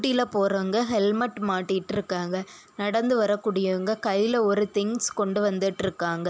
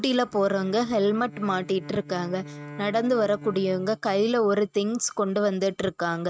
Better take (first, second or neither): first